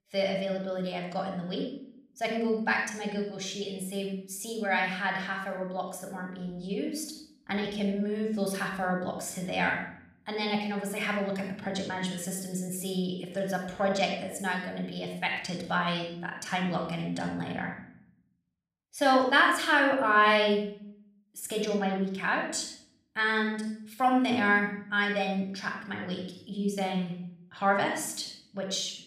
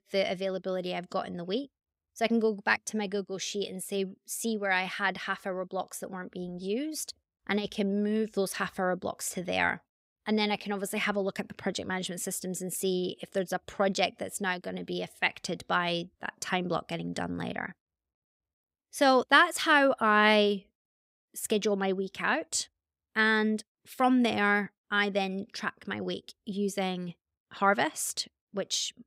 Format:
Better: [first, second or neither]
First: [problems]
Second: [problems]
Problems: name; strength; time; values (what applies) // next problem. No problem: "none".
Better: second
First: off-mic speech; somewhat distant // room echo; noticeable; dies away in 0.6 s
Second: none